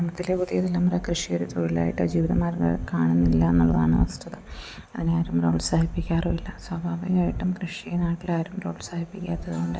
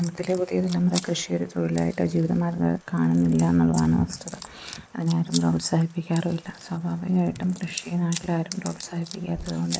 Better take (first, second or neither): first